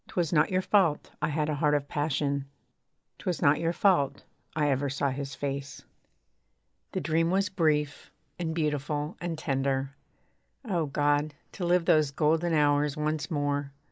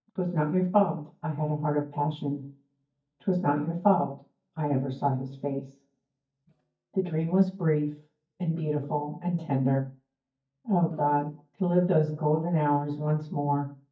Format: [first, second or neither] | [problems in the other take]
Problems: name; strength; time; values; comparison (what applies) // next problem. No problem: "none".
first | noise reduction (neural mask model DeepFilterNet 3)